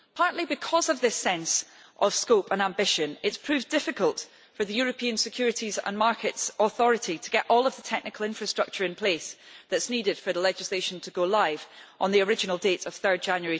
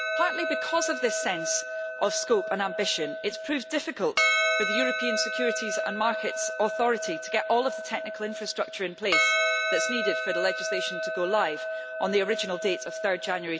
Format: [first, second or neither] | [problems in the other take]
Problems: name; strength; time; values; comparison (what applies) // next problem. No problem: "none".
first | background sound (Percussion); 1 dB below the speech